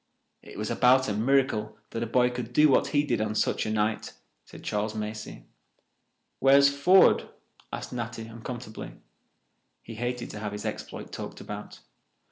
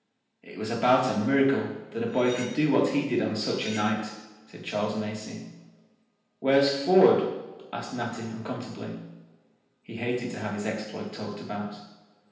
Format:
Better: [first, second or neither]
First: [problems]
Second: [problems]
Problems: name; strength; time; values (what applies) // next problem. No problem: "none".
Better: first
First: none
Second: background sound (Cutlery, silverware); 16 dB below the speech // room echo; dies away in 0.9 s